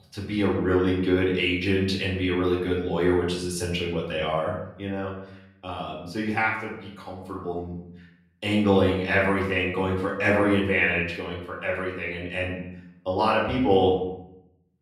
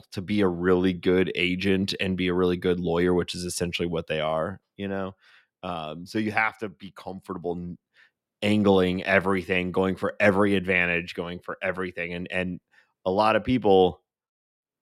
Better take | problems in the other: second | off-mic speech; far // room echo; noticeable; dies away in 0.7 s

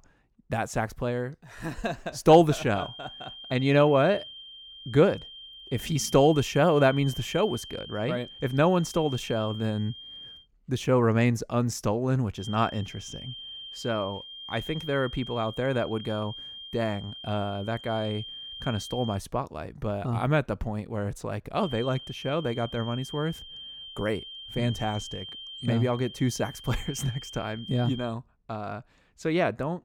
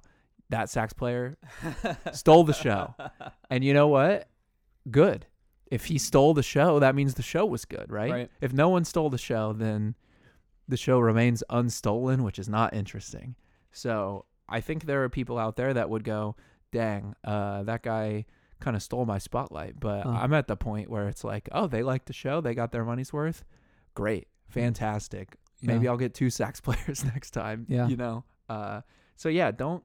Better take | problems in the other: second | high-pitched whine; noticeable; from 3 to 10 s, from 12 to 19 s and from 22 to 28 s; 3 kHz, 15 dB below the speech

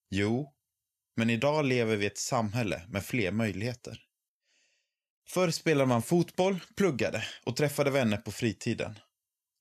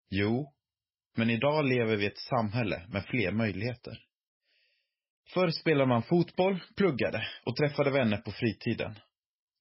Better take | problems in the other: first | garbled, watery; badly; nothing above 5.5 kHz

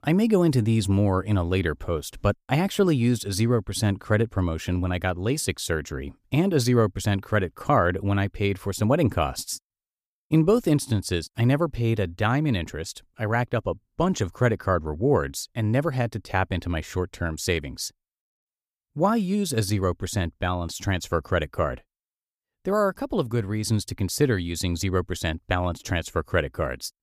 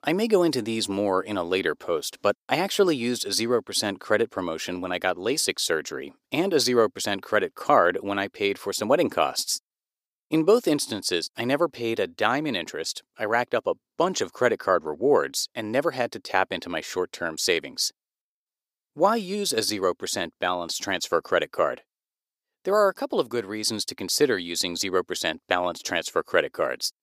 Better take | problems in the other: first | thin; somewhat; fading below 400 Hz

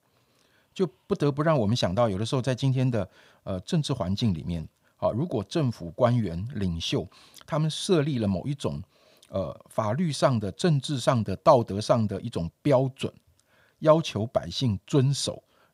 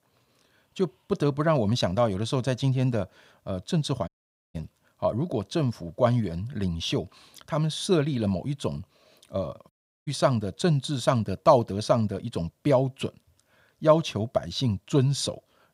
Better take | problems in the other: first | audio cutting out; at 4 s and at 9.5 s

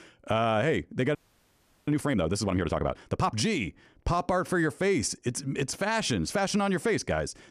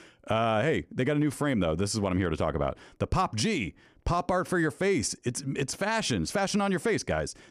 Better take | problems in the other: second | audio freezing; at 1 s for 0.5 s

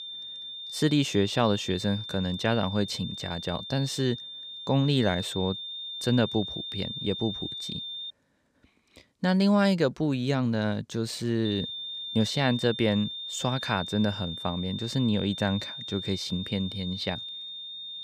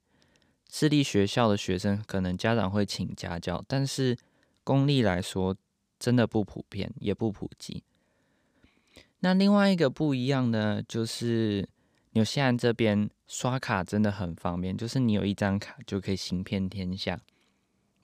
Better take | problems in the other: second | high-pitched whine; loud; until 8 s and from 11 s on; 3.5 kHz, 7 dB below the speech

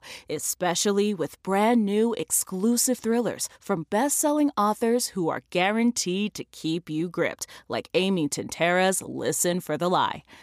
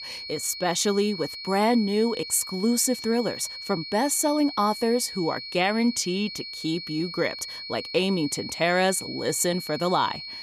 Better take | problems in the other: first | high-pitched whine; loud; throughout; 4.5 kHz, 9 dB below the speech

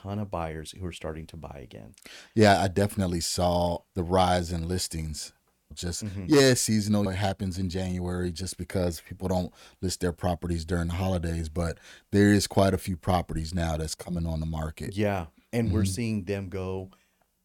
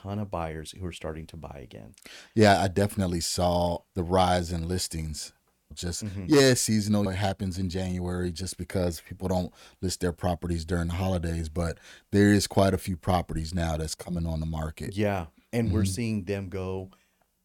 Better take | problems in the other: neither | none

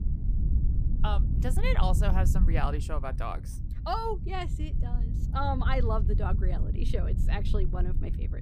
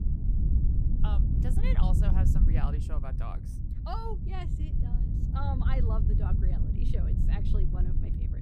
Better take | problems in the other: first | wind noise on the microphone; heavy; 2 dB below the speech; occasional gusts in the first

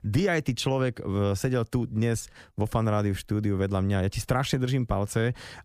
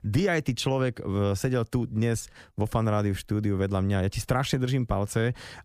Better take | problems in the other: neither | none

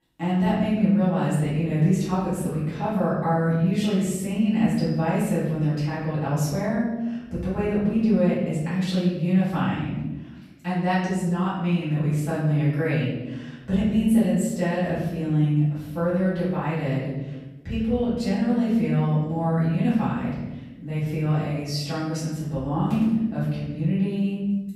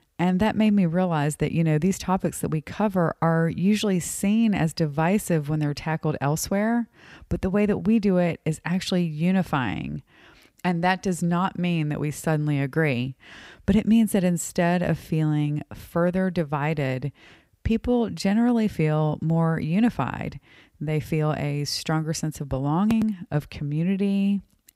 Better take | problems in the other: second | off-mic speech; far // room echo; noticeable; dies away in 1.1 s

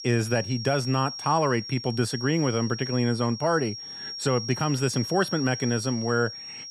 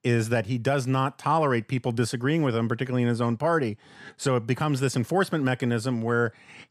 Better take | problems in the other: second | high-pitched whine; loud; throughout; 5.5 kHz, 8 dB below the speech

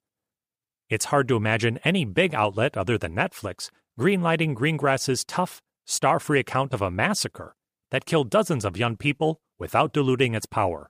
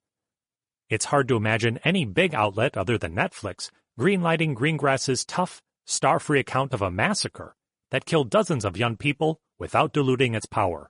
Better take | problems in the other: first | garbled, watery; slightly; nothing above 10.5 kHz

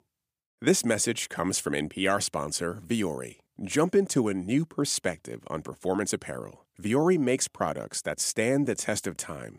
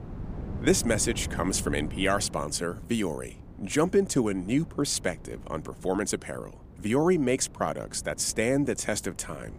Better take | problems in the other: first | wind noise on the microphone; occasional gusts; 20 dB below the speech

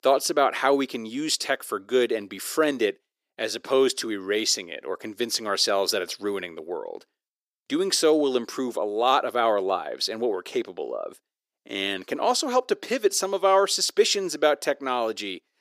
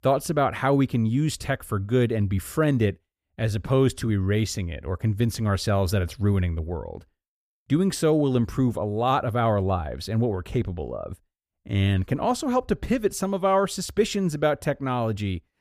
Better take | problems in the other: second | thin; somewhat; fading below 350 Hz

